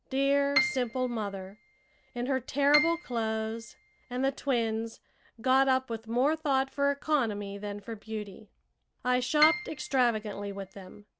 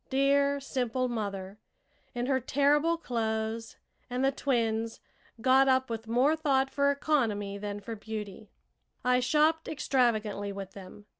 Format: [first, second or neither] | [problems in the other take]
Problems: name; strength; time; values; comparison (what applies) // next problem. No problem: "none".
second | background sound (Piano); 6 dB below the speech